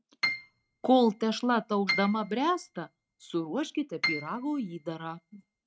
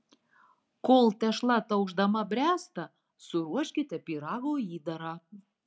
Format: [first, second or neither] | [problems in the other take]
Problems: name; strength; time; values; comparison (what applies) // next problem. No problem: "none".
second | noise reduction (neural mask model RNNoise)